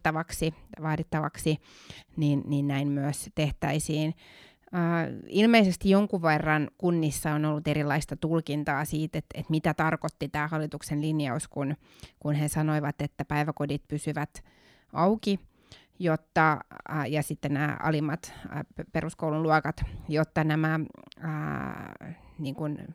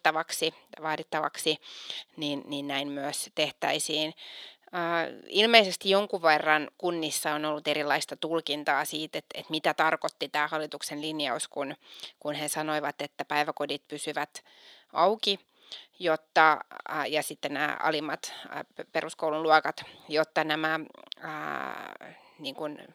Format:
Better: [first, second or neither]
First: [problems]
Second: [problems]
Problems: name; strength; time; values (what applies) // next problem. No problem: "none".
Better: first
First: none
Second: thin; very; fading below 500 Hz